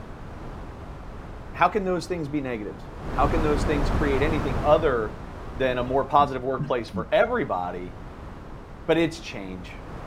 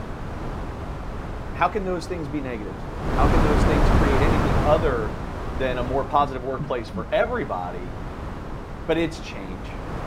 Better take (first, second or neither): first